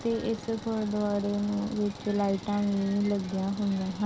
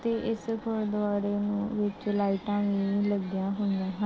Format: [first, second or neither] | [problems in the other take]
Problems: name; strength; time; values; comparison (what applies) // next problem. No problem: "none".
second | background sound (Engine); 16 dB below the speech